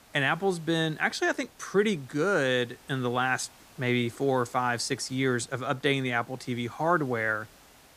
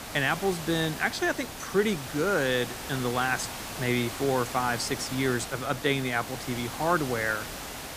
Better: first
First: hiss; faint; throughout; 25 dB below the speech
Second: hiss; loud; throughout; 8 dB below the speech

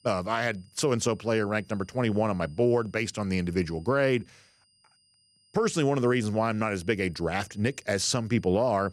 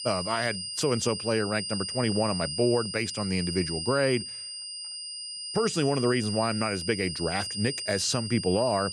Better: first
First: high-pitched whine; faint; throughout; 5 kHz, 35 dB below the speech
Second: high-pitched whine; loud; throughout; 5 kHz, 5 dB below the speech

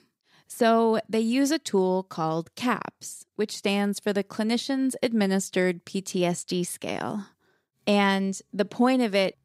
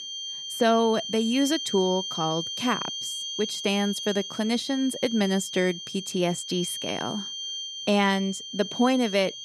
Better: first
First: none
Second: high-pitched whine; loud; throughout; 3 kHz, 6 dB below the speech

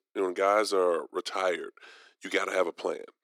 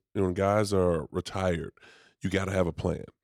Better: second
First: thin; very; fading below 300 Hz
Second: none

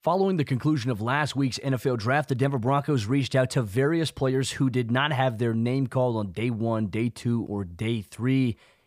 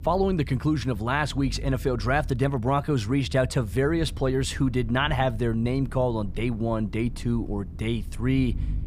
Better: first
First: none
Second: low rumble; faint; throughout; 25 dB below the speech

